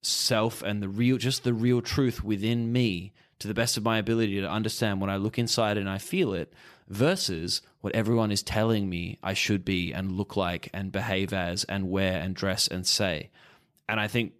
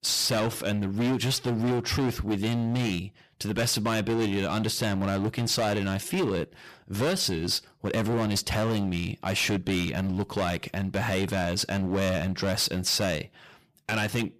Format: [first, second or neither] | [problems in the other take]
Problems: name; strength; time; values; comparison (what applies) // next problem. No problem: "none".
first | distortion; heavy; 19% of the sound clipped